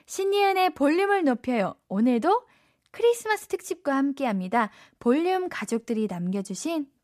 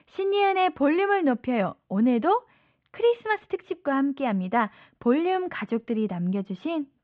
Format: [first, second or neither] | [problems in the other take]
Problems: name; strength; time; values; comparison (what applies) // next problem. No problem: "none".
first | muffled; very; fading above 3.5 kHz